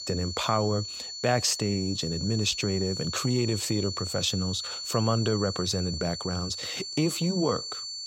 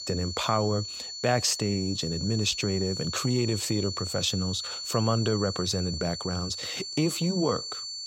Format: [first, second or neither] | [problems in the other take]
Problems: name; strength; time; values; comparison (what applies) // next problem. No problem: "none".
neither | high-pitched whine; loud; throughout; 4.5 kHz, 5 dB below the speech; the same in both